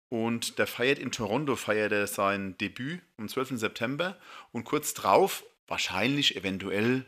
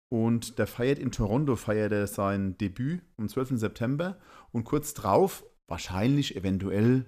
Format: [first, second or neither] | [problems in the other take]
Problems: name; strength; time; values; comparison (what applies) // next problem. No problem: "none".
second | thin; somewhat; fading below 1 kHz